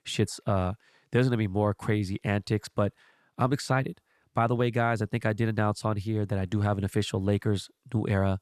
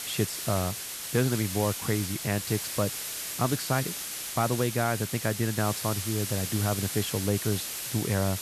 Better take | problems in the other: first | hiss; loud; throughout; 3 dB below the speech

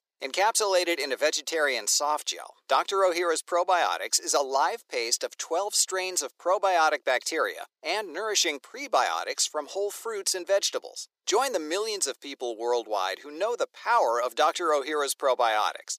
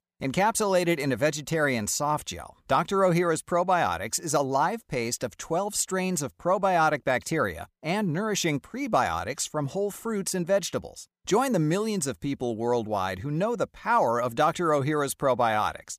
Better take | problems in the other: second | thin; very; fading below 350 Hz

